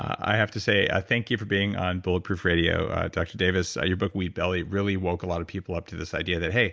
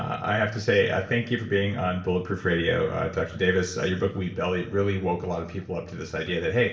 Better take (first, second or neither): first